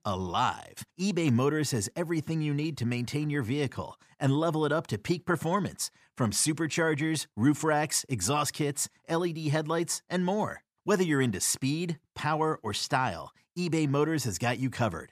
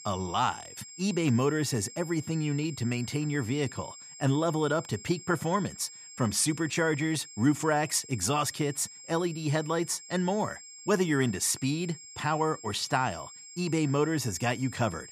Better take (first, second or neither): first